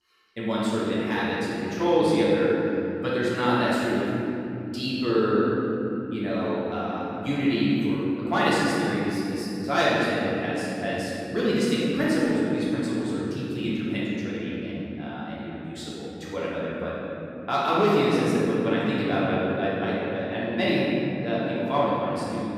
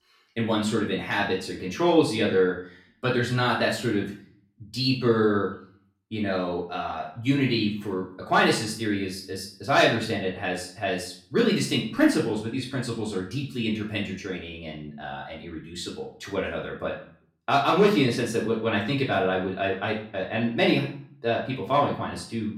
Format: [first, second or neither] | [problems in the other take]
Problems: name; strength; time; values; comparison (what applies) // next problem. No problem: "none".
second | room echo; strong; dies away in 3 s; slight in the second // off-mic speech; far; far in the second